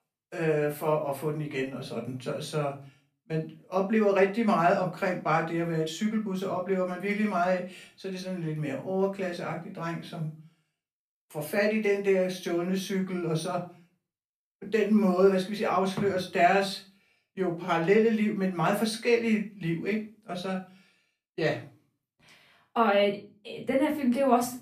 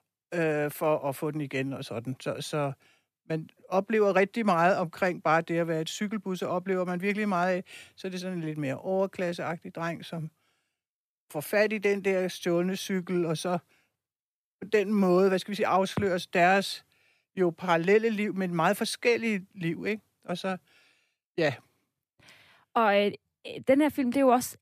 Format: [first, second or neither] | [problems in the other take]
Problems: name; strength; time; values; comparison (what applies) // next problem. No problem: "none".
second | room echo; slight; dies away in 0.3 s // off-mic speech; far